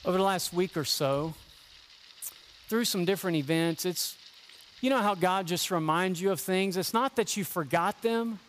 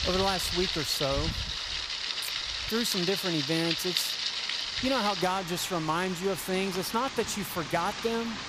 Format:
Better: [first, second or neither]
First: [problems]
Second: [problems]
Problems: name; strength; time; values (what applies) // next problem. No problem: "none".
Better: first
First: rain or running water; faint; throughout; 25 dB below the speech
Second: rain or running water; loud; throughout; 1 dB below the speech